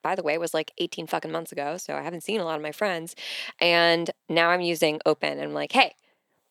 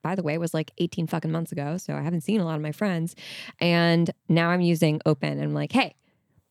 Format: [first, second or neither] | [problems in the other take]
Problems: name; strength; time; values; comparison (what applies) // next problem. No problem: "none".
second | thin; very; fading below 500 Hz